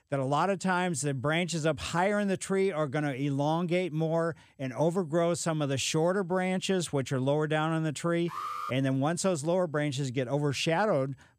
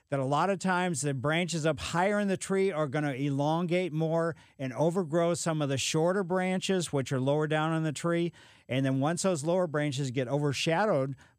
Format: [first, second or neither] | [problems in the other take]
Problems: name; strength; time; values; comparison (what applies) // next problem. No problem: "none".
second | alarm; noticeable; at 8.5 s; peak 6 dB below the speech